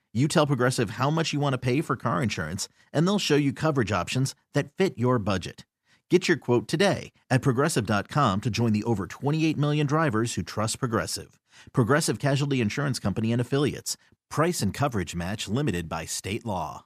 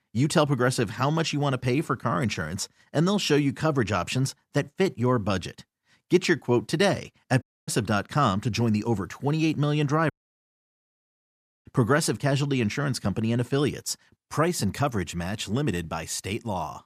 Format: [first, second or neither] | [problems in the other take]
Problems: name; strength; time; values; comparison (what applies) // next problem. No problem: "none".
first | audio cutting out; at 7.5 s and at 10 s for 1.5 s